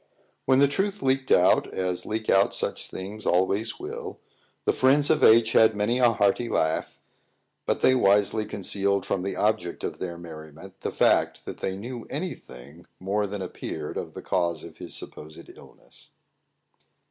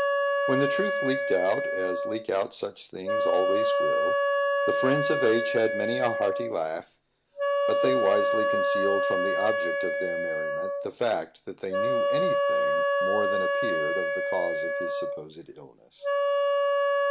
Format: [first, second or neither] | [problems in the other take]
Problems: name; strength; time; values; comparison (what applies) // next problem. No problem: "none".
first | background sound (Wind instrument, woodwind instrument); 5 dB above the speech